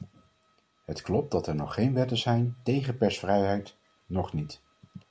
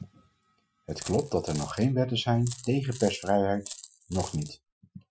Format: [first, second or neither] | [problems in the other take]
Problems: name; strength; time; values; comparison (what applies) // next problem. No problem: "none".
first | noise reduction (classical method Wiener filter)